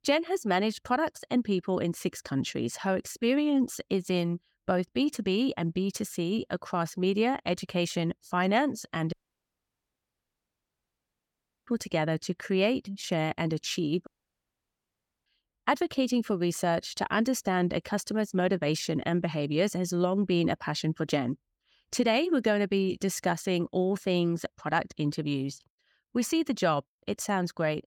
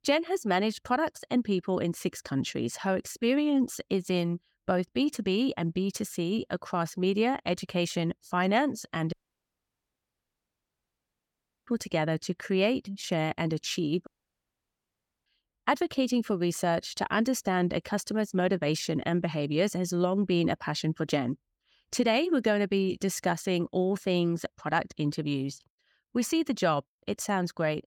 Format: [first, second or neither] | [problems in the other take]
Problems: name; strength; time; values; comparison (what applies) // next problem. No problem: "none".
neither | audio cutting out; at 9 s for 2.5 s and at 14 s for 1 s; the same in both